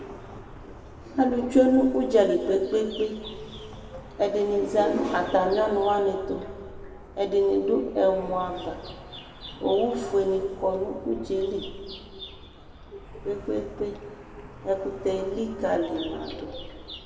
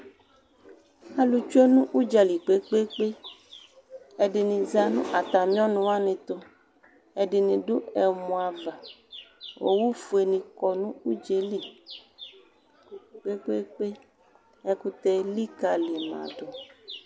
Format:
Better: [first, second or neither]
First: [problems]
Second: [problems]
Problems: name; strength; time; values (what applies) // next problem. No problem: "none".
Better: second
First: background sound (Traffic noise, roadway noise); 17 dB below the speech // room echo; dies away in 1.9 s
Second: none